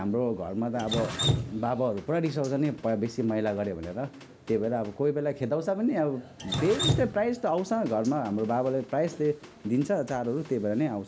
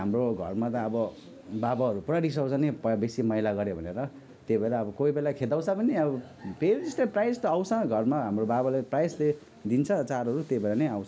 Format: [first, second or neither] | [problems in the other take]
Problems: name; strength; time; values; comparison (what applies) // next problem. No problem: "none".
second | background sound (Drip); 9 dB below the speech